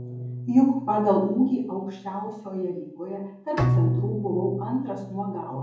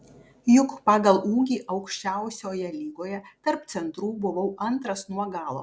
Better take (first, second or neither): second